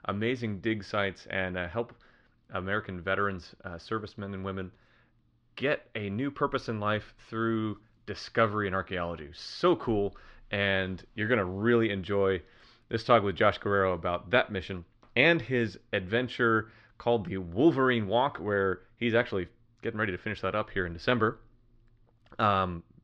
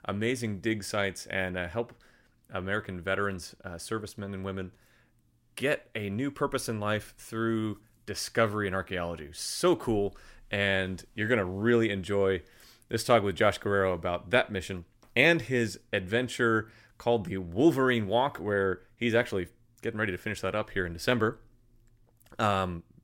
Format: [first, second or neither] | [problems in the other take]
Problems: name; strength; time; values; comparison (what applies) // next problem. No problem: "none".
second | muffled; very slightly; fading above 4 kHz